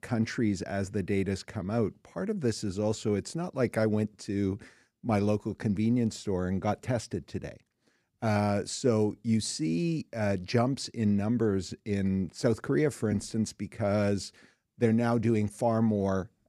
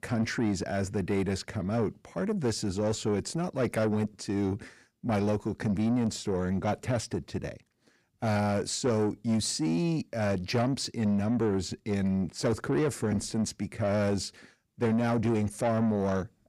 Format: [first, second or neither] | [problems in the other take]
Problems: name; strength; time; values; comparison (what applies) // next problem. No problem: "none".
first | distortion; slight; 10 dB below the speech